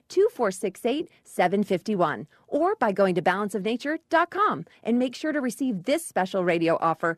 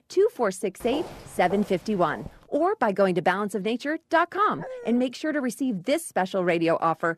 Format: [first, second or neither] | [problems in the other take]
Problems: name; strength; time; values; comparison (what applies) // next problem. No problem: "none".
first | footsteps; faint; from 1 to 2.5 s; peak 10 dB below the speech // dog barking; faint; at 4.5 s; peak 10 dB below the speech